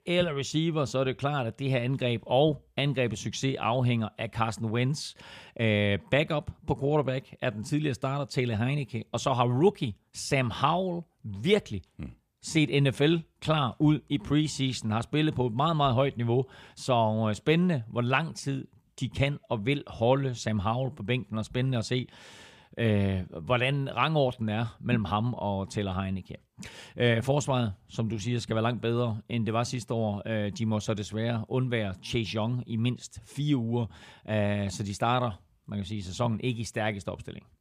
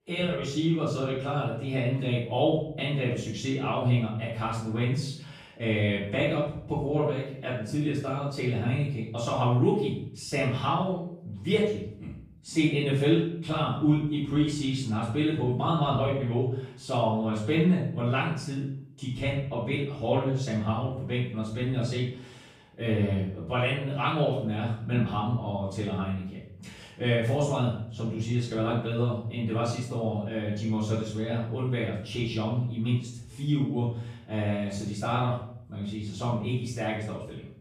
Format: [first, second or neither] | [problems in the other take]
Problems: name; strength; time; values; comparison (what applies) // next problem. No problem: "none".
first | off-mic speech; far // room echo; noticeable; dies away in 0.5 s